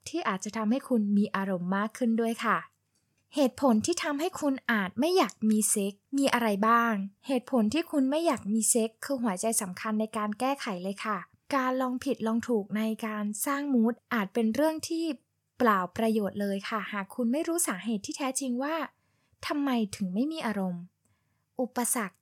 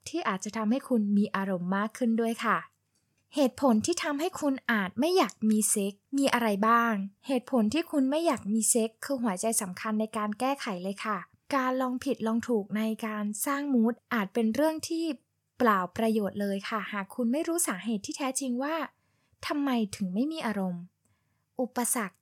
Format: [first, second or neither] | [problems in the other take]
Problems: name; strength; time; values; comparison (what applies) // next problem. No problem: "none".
neither | none